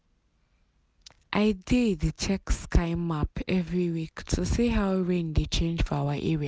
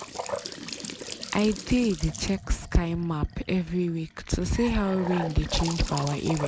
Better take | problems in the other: first | background sound (Trickle, dribble / Bathtub (filling or washing) / Sink (filling or washing) / Gurgling); 10 dB below the speech

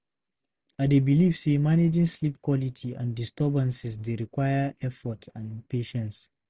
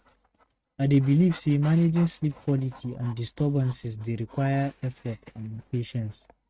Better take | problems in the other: first | noise reduction (neural mask model RNNoise)

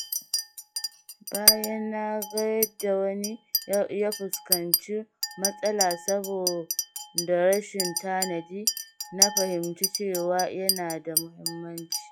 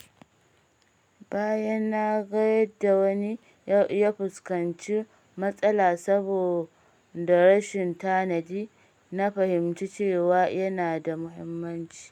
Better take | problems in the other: second | noise reduction (classical method log-MMSE)

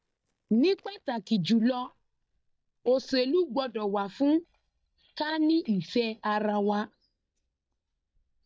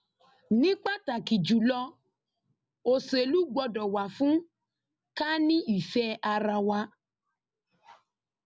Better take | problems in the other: second | noise reduction (neural mask model DeepFilterNet 3)

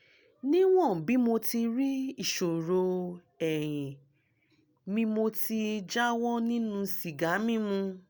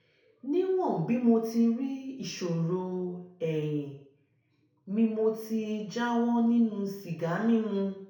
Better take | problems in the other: first | room echo; dies away in 0.6 s

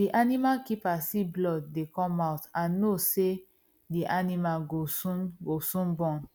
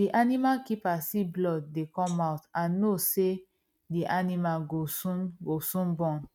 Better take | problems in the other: first | noise reduction (neural mask model RNNoise)

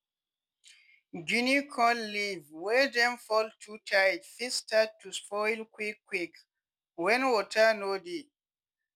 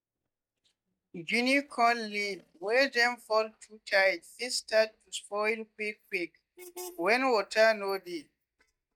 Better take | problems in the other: first | noise reduction (neural mask model DeepFilterNet 3)

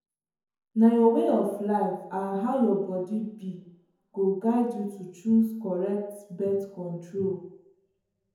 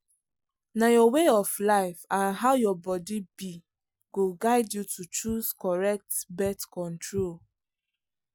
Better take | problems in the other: second | room echo; dies away in 0.9 s

